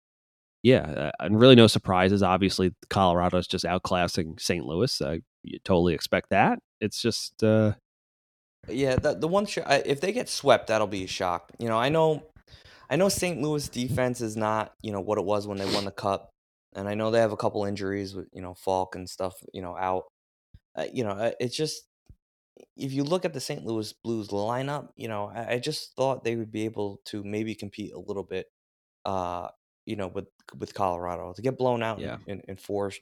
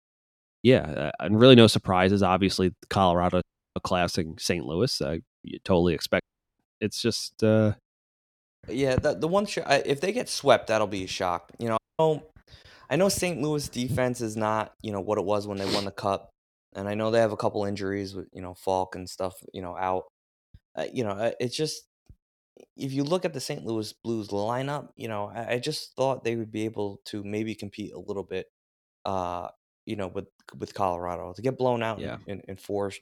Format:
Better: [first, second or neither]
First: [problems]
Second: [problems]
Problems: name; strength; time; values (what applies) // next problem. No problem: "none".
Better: first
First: none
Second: audio cutting out; at 3.5 s, at 6 s and at 12 s